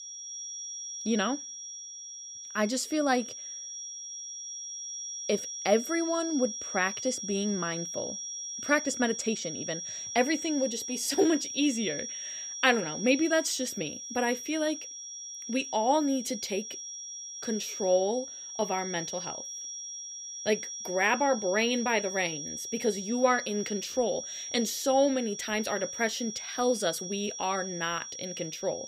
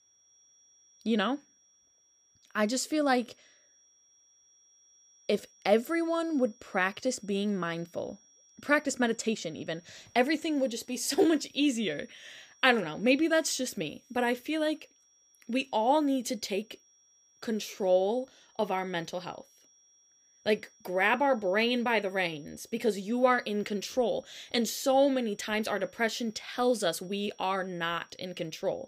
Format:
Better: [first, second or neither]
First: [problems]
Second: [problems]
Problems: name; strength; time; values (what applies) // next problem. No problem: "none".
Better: second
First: high-pitched whine; loud; throughout; 5.5 kHz, 7 dB below the speech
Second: high-pitched whine; faint; throughout; 5.5 kHz, 30 dB below the speech